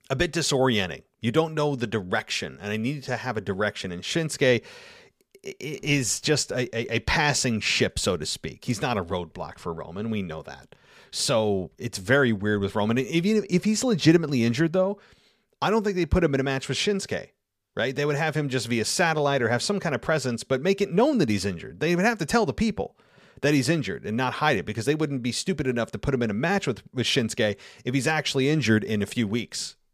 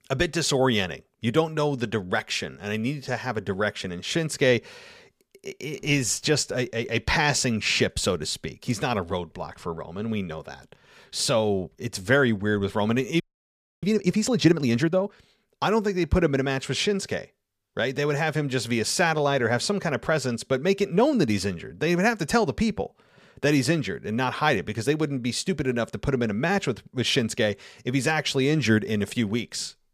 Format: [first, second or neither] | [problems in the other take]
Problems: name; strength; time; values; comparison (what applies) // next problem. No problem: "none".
first | audio freezing; at 13 s for 0.5 s